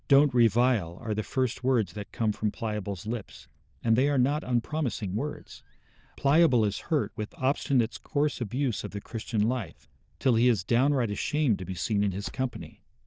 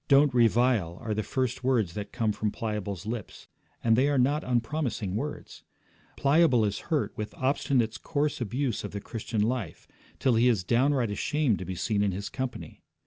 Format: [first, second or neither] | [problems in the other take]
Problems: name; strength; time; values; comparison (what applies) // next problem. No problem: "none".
second | noise reduction (neural diffusion model UNIVERSE++)